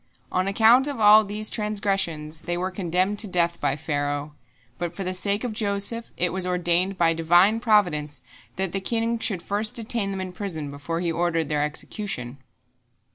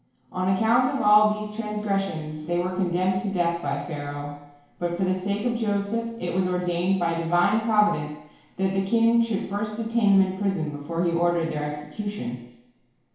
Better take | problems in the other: first | room echo; dies away in 1 s

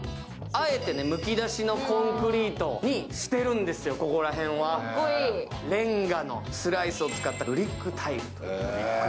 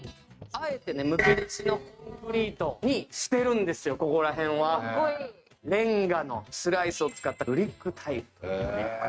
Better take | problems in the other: first | noise reduction (neural mask model RNNoise)

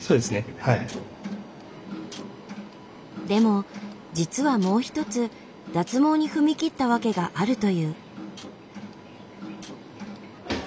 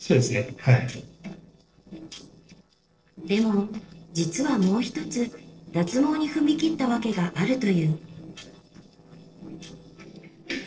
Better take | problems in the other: first | noise reduction (neural separator model SepFormer DNS4)

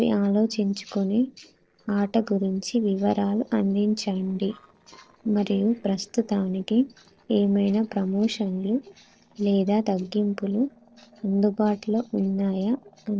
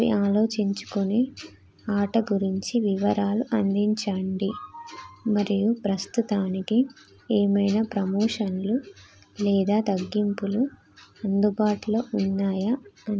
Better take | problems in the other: second | noise reduction (neural separator model SepFormer DNS4)

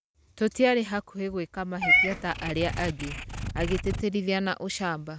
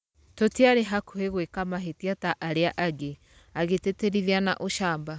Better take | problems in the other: second | background sound (Meow / Purr); 2 dB below the speech

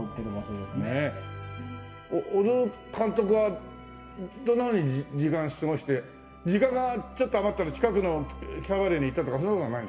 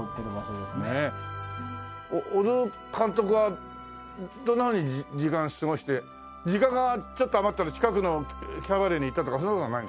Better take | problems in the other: second | room echo; dies away in 1.3 s

